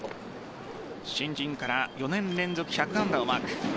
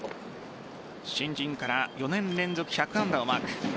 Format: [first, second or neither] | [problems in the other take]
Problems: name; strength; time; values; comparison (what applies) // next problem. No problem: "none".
second | background sound (Zipper (clothing)); 10 dB below the speech